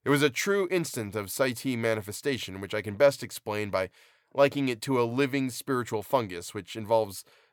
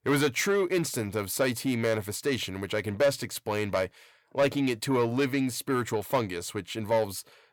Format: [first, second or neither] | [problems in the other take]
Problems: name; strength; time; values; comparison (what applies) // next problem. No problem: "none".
first | distortion; slight; 10 dB below the speech